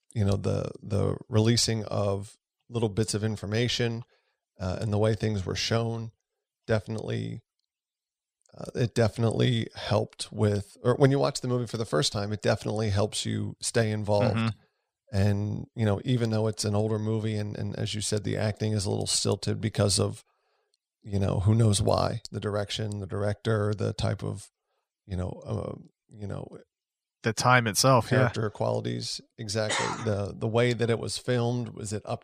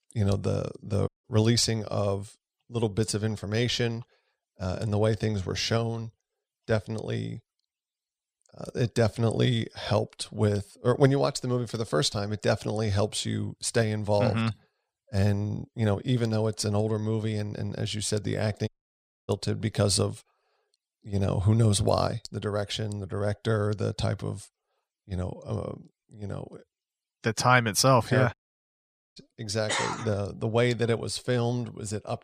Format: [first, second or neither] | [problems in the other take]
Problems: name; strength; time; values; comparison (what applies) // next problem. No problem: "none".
first | audio cutting out; at 1 s, at 19 s for 0.5 s and at 28 s for 1 s